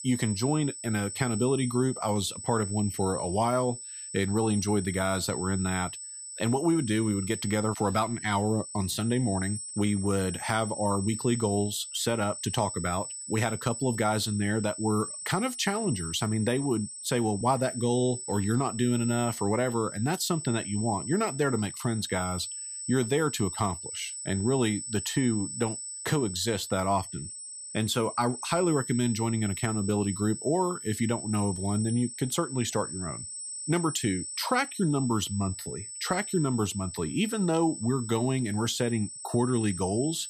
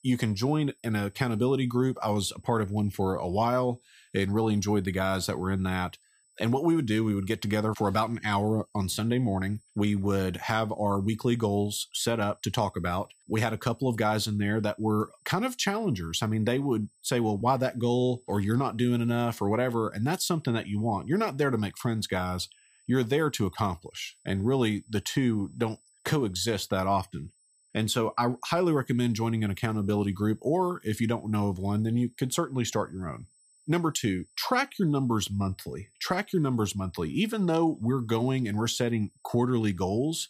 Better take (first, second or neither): second